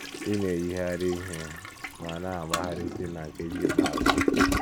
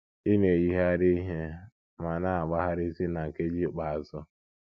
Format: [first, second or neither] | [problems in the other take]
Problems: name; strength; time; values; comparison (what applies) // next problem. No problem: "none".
second | background sound (Toilet flush); 3 dB above the speech